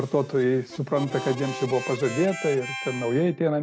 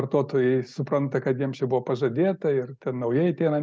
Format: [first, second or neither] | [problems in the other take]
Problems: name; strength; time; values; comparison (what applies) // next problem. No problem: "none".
second | background sound (Harmonica); 12 dB below the speech